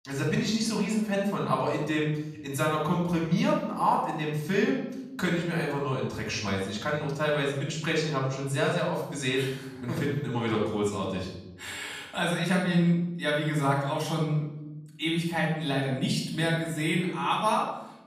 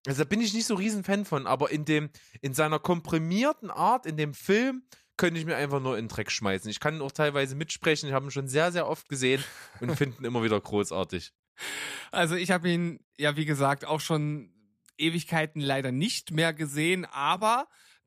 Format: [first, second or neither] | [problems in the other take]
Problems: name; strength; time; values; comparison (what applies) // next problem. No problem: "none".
second | off-mic speech; far // room echo; noticeable; dies away in 0.9 s